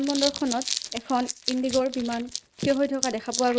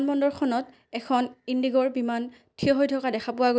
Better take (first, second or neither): second